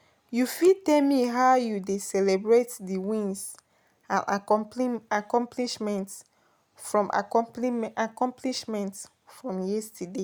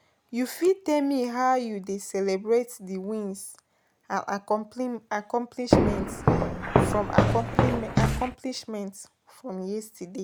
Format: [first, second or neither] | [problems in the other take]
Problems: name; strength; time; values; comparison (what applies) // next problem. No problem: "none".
first | background sound (Walk, footsteps); 5 dB above the speech